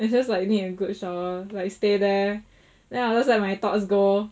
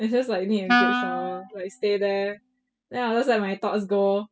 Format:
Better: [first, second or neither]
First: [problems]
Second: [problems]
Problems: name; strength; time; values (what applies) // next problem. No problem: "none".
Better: first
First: none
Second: noise reduction (classical method spectral subtraction)